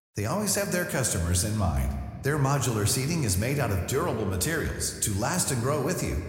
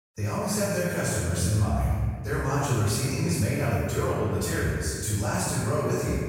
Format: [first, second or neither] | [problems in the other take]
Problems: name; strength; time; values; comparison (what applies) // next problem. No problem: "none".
first | room echo; strong; dies away in 2 s; slight in the first // off-mic speech; far